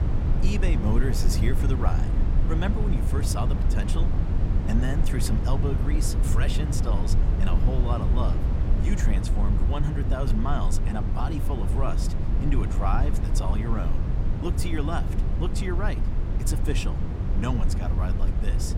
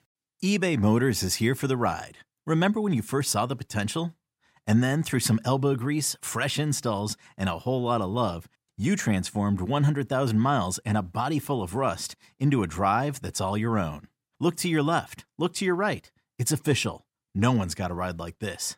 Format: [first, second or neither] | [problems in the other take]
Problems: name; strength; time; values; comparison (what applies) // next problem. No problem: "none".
second | low rumble; loud; throughout; 4 dB below the speech